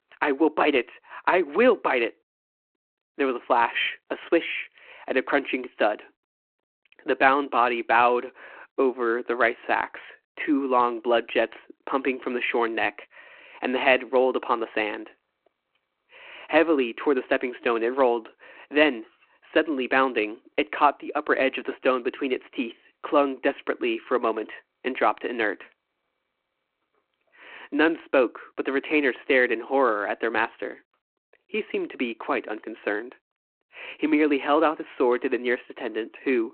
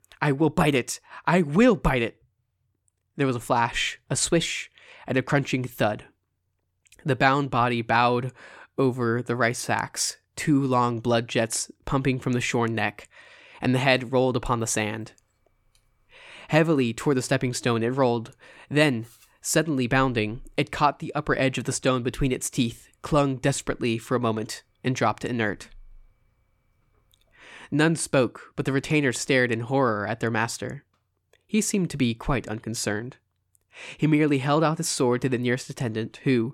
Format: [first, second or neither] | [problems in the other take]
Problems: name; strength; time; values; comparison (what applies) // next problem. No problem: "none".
second | phone-call audio